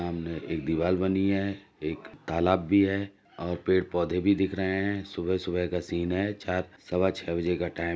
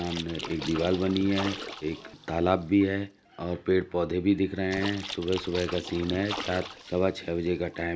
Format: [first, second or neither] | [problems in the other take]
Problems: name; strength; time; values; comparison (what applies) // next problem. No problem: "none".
first | background sound (Splash, splatter); 12 dB below the speech